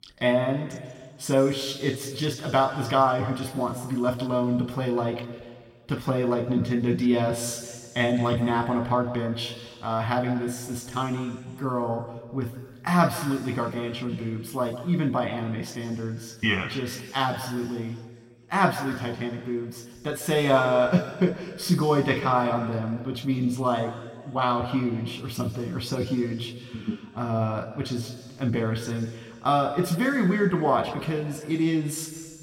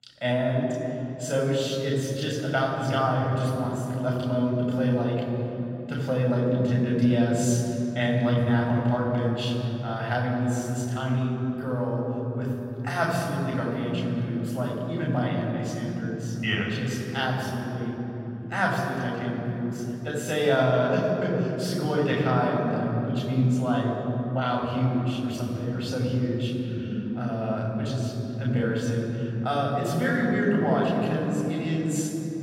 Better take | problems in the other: first | room echo; strong; dies away in 3 s; slight in the first // off-mic speech; far

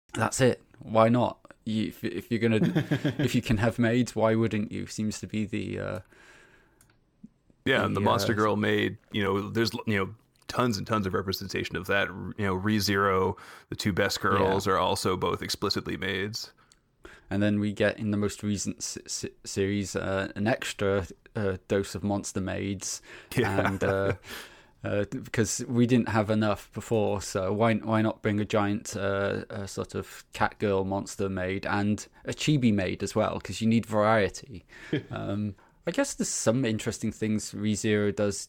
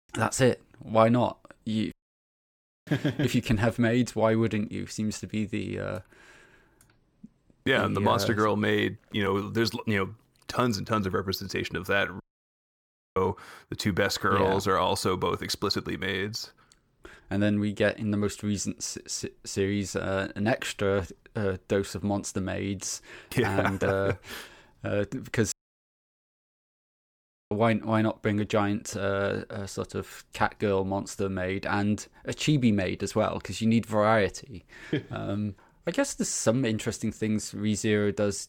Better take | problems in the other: first | audio cutting out; at 2 s for 1 s, at 12 s for 1 s and at 26 s for 2 s

